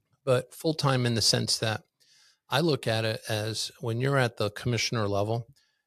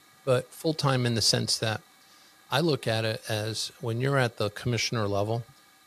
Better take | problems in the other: first | hiss; faint; throughout; 30 dB below the speech

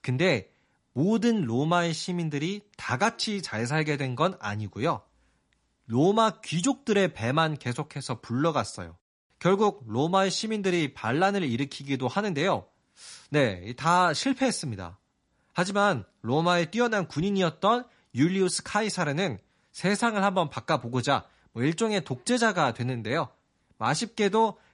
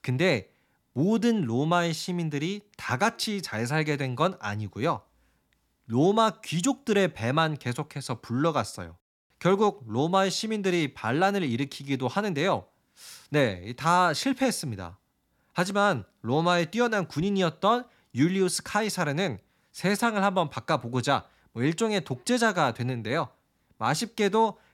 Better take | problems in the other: second | garbled, watery; slightly; nothing above 10.5 kHz

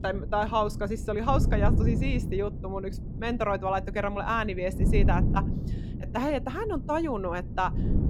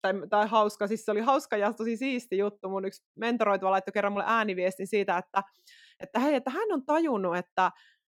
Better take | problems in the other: second | wind noise on the microphone; occasional gusts; 10 dB below the speech

